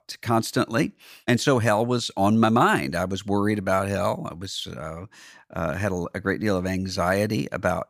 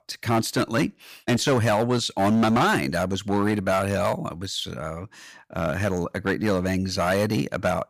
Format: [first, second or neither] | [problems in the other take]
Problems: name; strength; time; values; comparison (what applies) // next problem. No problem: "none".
first | distortion; slight; 8% of the sound clipped